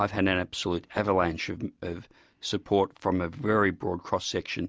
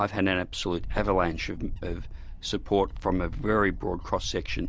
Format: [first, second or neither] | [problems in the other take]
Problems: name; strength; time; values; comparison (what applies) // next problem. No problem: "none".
first | background sound (Wind / Bird); 7 dB below the speech